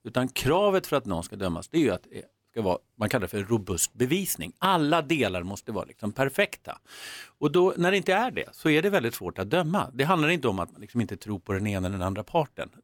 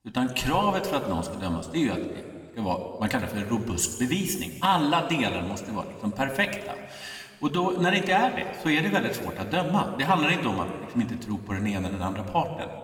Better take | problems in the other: first | room echo; slight; dies away in 1.8 s

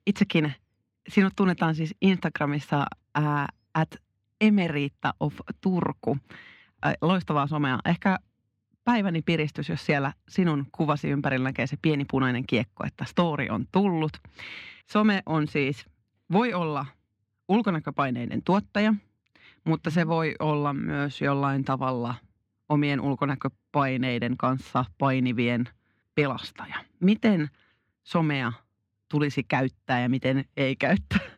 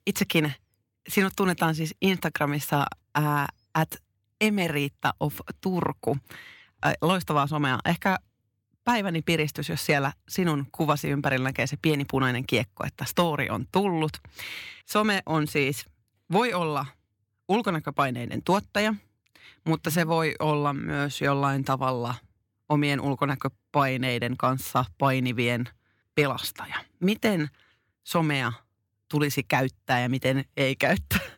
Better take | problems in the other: second | muffled; very slightly; fading above 3.5 kHz

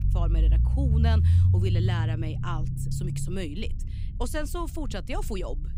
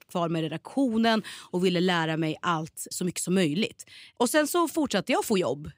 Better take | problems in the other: second | low rumble; loud; throughout; 3 dB below the speech

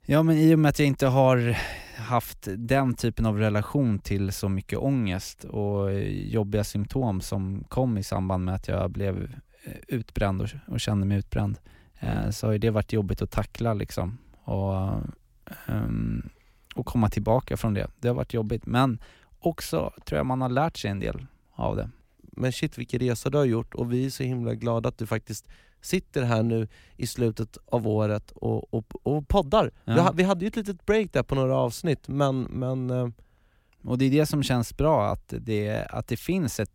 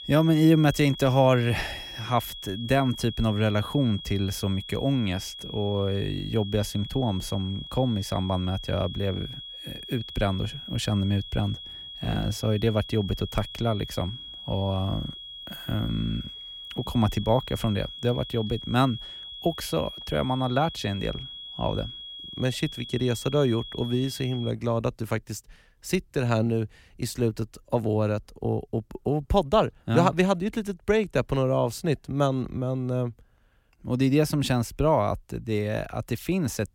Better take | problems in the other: first | high-pitched whine; noticeable; until 25 s; 3.5 kHz, 10 dB below the speech

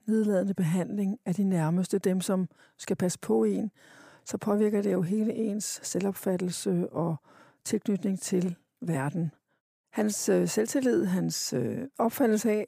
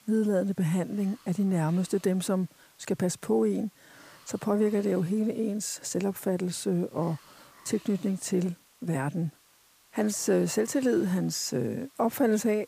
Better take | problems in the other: first | hiss; faint; throughout; 25 dB below the speech

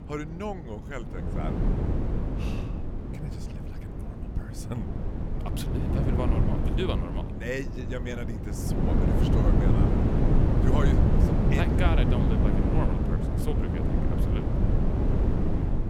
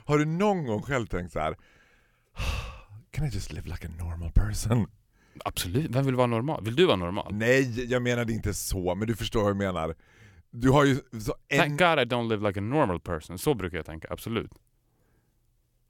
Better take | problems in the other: second | wind noise on the microphone; heavy; 2 dB above the speech

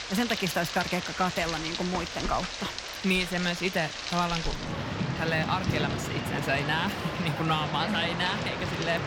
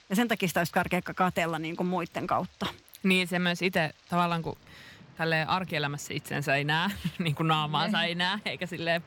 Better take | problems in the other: second | rain or running water; loud; throughout; 3 dB below the speech; faint in the second

